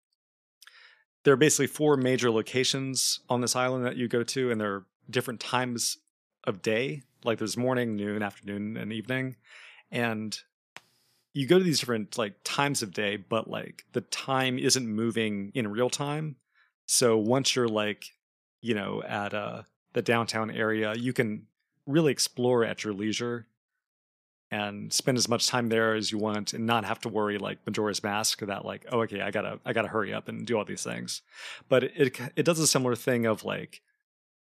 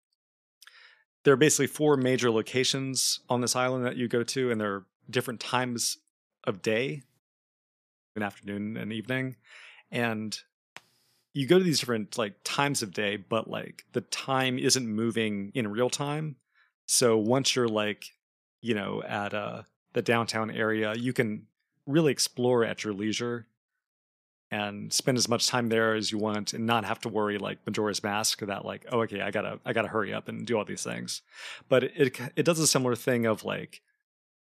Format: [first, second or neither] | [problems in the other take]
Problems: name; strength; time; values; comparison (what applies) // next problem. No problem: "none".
first | audio cutting out; at 7 s for 1 s